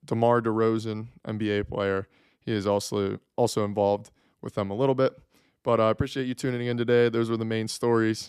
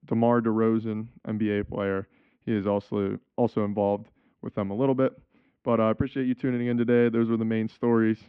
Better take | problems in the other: first | muffled; very; fading above 2.5 kHz

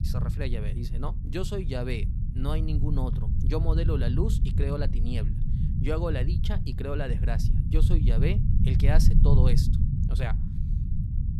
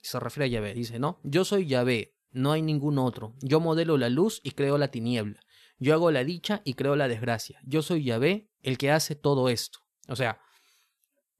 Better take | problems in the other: second | low rumble; loud; throughout; 5 dB below the speech

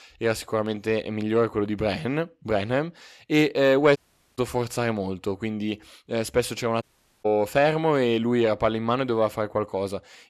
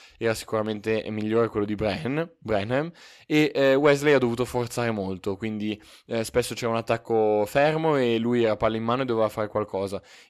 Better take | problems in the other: second | audio cutting out; at 4 s and at 7 s

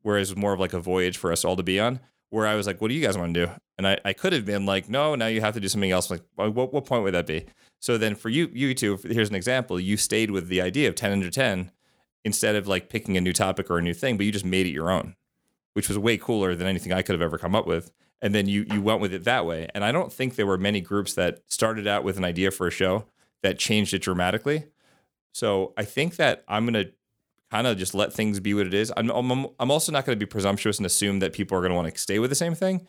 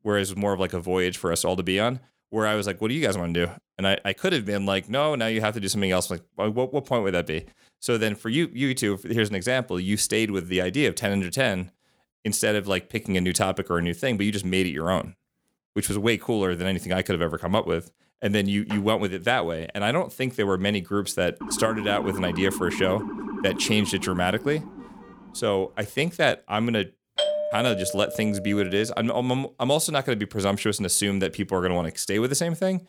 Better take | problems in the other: first | siren; noticeable; from 21 to 25 s; peak 7 dB below the speech // doorbell; loud; from 27 to 29 s; peak level with the speech

